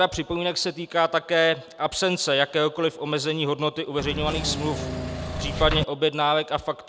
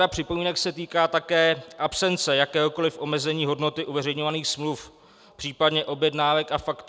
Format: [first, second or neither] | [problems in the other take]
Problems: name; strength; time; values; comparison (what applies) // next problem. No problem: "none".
second | background sound (Engine / Mechanisms); 4 dB below the speech